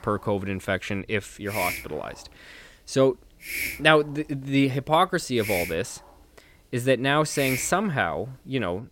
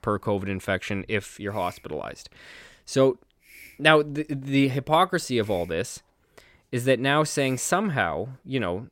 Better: second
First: hiss; loud; throughout; 7 dB below the speech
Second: hiss; faint; throughout; 25 dB below the speech

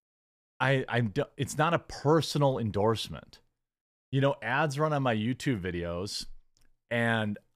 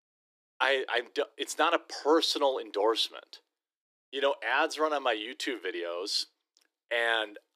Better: first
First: none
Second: thin; very; fading below 300 Hz

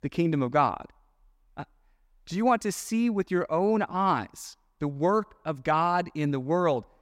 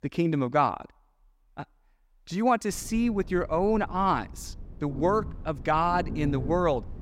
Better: first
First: none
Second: low rumble; faint; from 2.5 s on; 20 dB below the speech

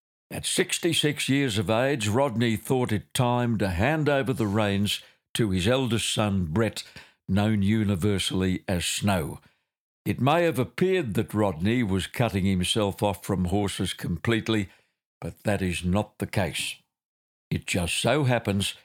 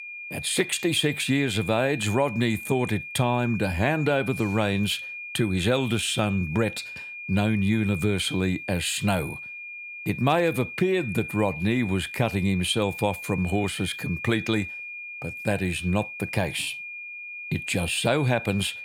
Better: first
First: none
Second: high-pitched whine; loud; throughout; 2.5 kHz, 9 dB below the speech

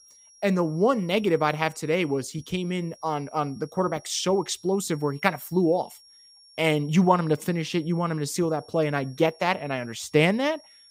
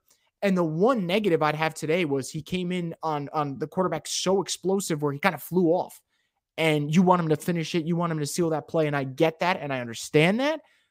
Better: second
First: high-pitched whine; faint; throughout; 5.5 kHz, 25 dB below the speech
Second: none

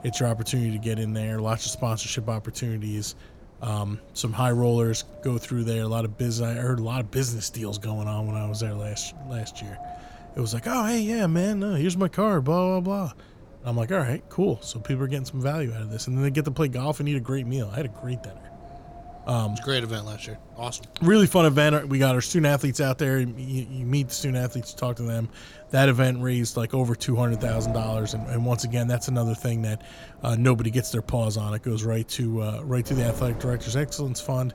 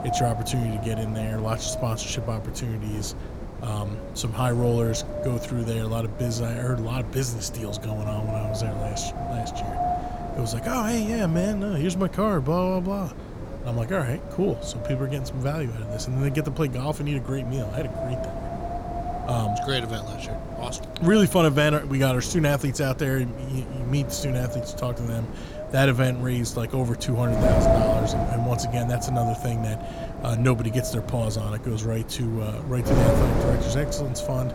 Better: first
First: wind noise on the microphone; occasional gusts; 15 dB below the speech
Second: wind noise on the microphone; heavy; 2 dB below the speech

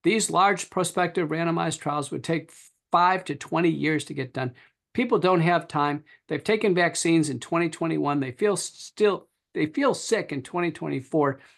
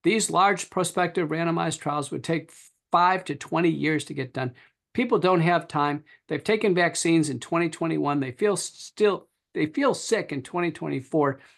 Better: neither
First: none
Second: none

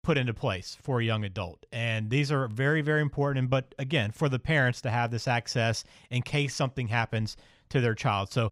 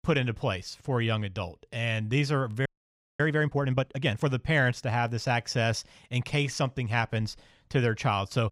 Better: first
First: none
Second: audio freezing; at 2.5 s for 0.5 s

